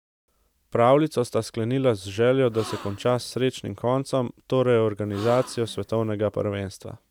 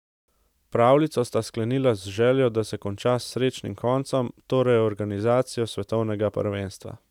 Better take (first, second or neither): second